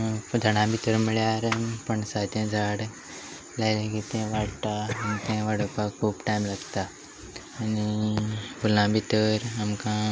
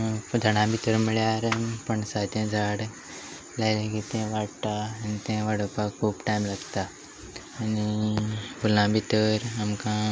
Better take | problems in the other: second | background sound (Cough); 12 dB below the speech

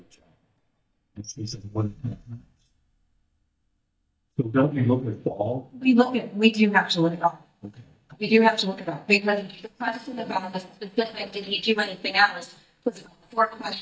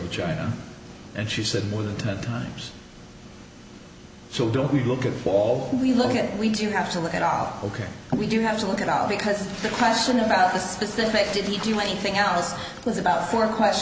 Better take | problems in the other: second | noise reduction (neural mask model DeepFilterNet 3)

